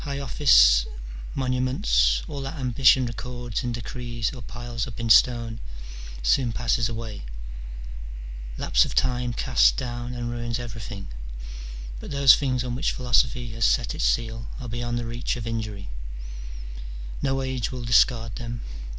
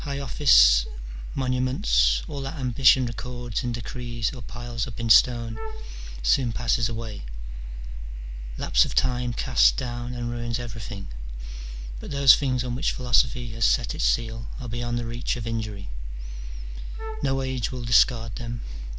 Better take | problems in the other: first | background sound (Wind instrument, woodwind instrument); 16 dB below the speech

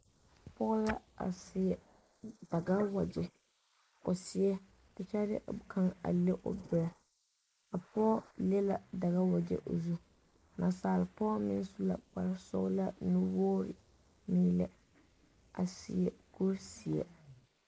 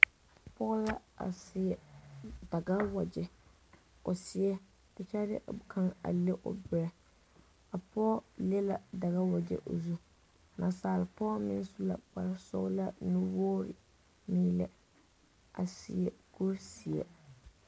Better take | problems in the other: second | noise reduction (neural mask model Resemble Enhance denoiser)

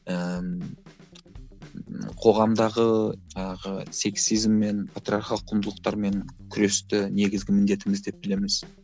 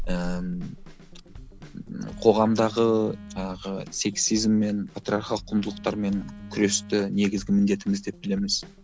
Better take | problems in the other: first | background sound (Telephone); 14 dB below the speech

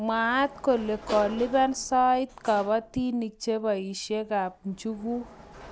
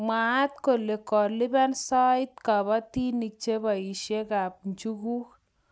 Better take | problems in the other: second | background sound (Sliding door / Slam); 17 dB below the speech

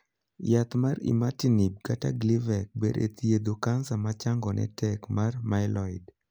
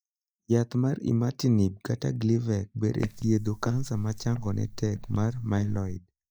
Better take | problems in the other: first | noise reduction (neural mask model DeepFilterNet 3)

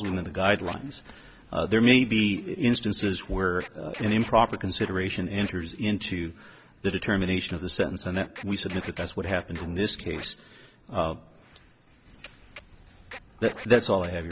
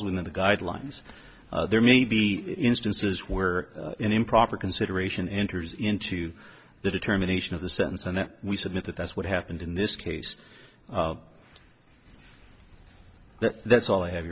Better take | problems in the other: second | background sound (Scratching (performance technique)); 20 dB below the speech

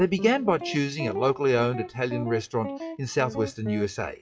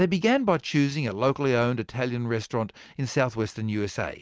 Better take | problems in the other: second | noise reduction (classical method WPE with log-MMSE)

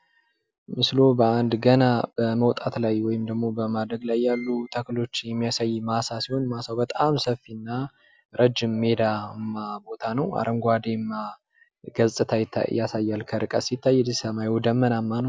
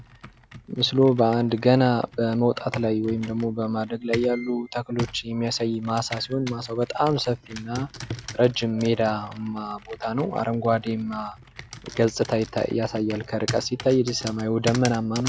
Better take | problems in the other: first | background sound (Computer keyboard); 14 dB below the speech

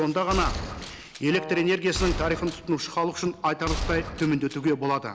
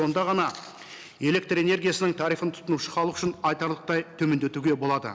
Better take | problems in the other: second | background sound (Brass instrument + Gunshot, gunfire); 7 dB below the speech

